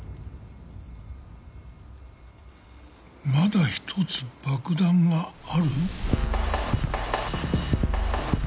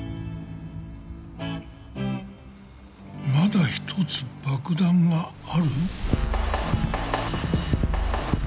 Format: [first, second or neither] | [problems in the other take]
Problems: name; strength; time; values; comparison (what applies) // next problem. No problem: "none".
first | background sound (Guitar); 11 dB below the speech